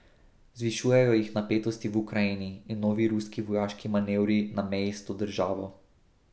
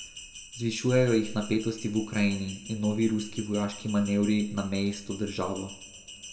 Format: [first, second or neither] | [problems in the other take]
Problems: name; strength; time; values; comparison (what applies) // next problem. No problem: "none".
first | background sound (Bell); 16 dB below the speech // room echo; dies away in 1.2 s